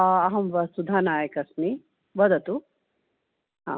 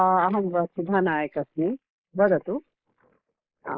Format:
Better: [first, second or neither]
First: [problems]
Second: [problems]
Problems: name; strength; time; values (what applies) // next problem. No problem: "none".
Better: first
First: none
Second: noise reduction (neural mask model Resemble Enhance denoiser)